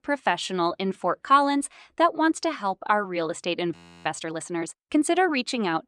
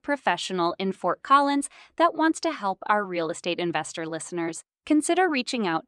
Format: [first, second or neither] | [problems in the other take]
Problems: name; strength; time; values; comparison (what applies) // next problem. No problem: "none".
second | audio freezing; at 3.5 s